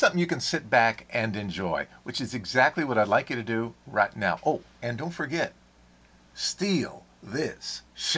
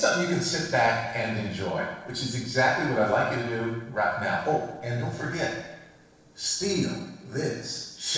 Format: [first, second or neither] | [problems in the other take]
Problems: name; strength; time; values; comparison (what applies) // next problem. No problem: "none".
first | noise reduction (neural separator model SepFormer DNS4)